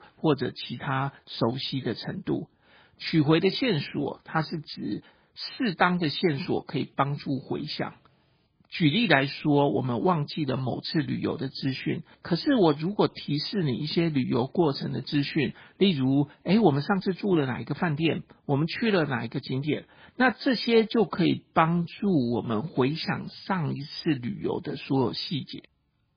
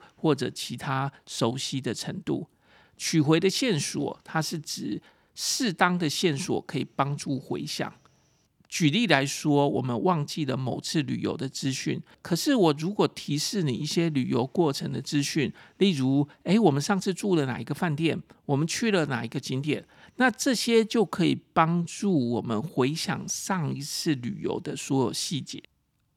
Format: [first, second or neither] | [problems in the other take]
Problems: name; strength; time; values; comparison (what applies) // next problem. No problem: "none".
second | garbled, watery; badly; nothing above 5 kHz